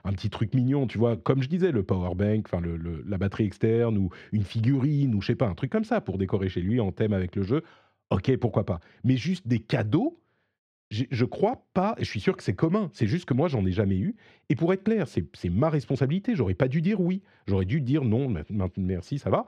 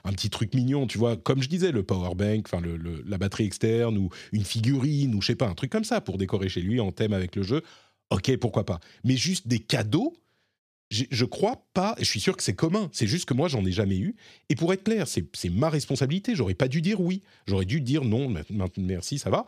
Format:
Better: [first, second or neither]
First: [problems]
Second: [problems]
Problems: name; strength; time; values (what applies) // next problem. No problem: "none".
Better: second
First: muffled; very; fading above 4 kHz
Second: none